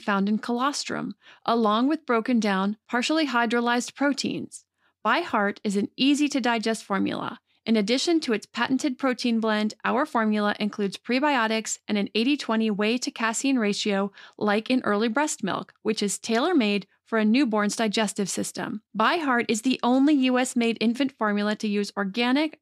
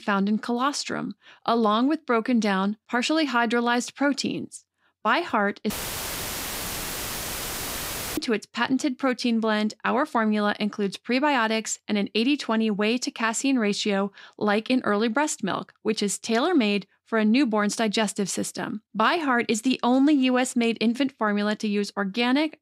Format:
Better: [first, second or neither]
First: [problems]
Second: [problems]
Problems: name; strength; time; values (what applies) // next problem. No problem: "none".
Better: first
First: none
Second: audio cutting out; filled with static; at 5.5 s for 2.5 s